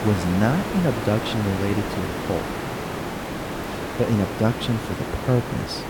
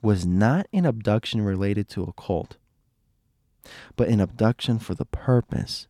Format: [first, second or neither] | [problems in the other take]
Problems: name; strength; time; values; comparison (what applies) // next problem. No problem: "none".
second | hiss; loud; throughout; 5 dB below the speech